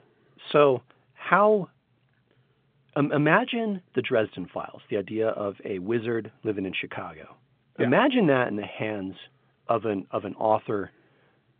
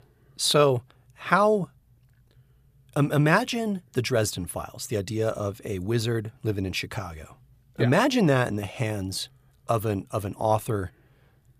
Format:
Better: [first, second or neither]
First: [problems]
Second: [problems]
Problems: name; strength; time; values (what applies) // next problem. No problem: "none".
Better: second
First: phone-call audio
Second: none